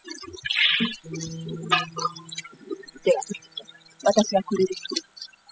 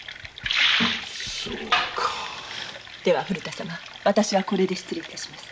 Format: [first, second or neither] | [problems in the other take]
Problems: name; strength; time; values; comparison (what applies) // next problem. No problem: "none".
second | noise reduction (classical method spectral subtraction)